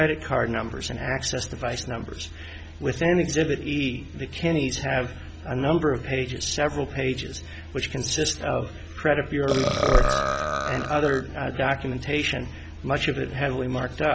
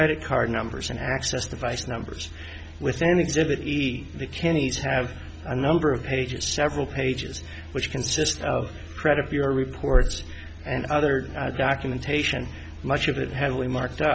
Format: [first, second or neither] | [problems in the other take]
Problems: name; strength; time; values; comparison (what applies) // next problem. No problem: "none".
second | background sound (Burping, eructation); 2 dB below the speech